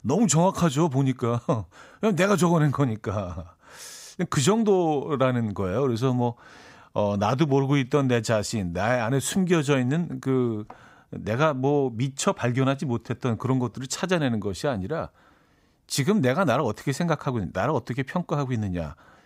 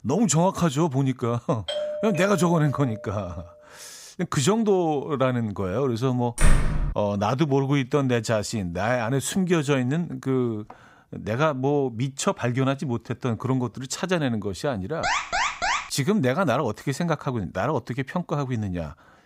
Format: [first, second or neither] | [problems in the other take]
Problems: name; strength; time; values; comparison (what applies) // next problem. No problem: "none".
first | doorbell; noticeable; from 1.5 to 3.5 s; peak 4 dB below the speech // door banging; loud; at 6.5 s; peak 1 dB above the speech // alarm; loud; at 15 s; peak 2 dB above the speech